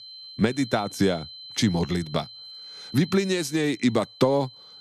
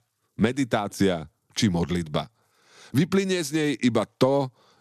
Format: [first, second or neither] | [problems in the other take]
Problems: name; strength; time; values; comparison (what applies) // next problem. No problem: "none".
second | high-pitched whine; noticeable; throughout; 4 kHz, 15 dB below the speech